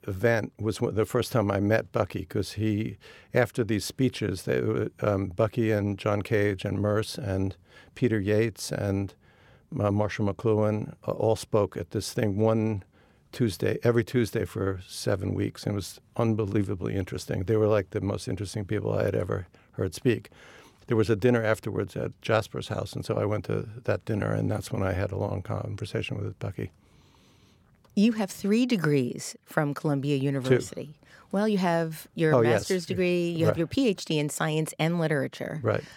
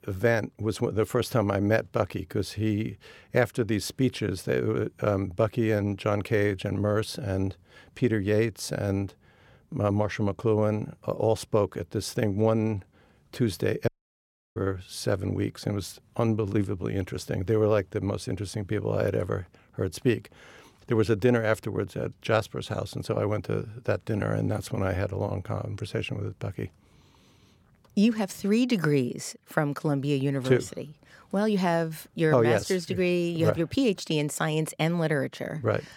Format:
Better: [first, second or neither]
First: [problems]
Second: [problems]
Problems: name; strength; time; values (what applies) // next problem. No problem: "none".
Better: first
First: none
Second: audio cutting out; at 14 s for 0.5 s